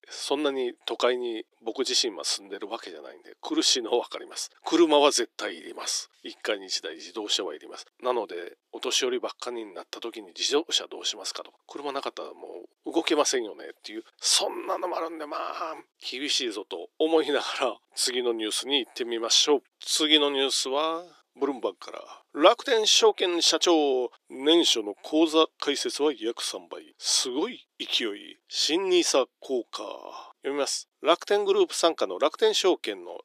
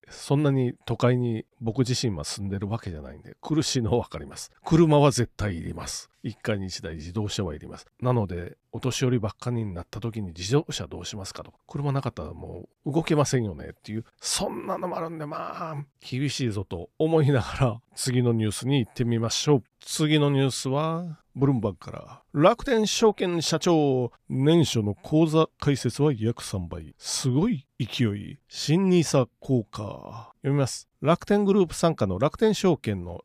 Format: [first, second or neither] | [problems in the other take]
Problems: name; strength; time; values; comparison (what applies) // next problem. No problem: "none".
second | thin; very; fading below 350 Hz